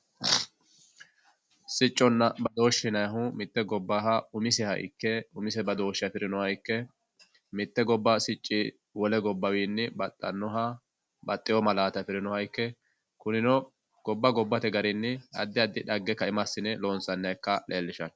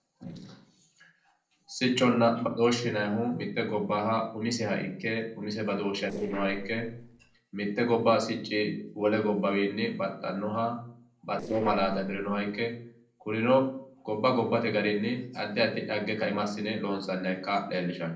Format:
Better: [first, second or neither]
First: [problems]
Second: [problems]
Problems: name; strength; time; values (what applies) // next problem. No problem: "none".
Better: first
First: none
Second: noise reduction (neural separator model SepFormer DNS4)